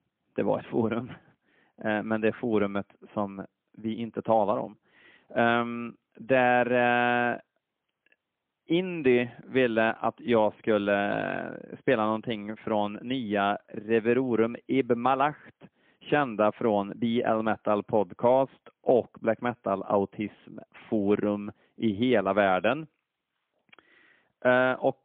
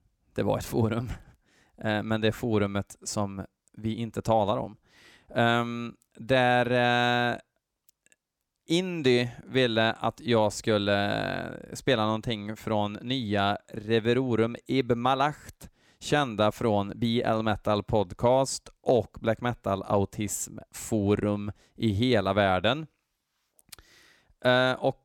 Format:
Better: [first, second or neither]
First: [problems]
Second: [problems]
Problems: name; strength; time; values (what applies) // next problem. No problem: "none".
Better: second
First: phone-call audio; poor line; nothing above 3.5 kHz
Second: none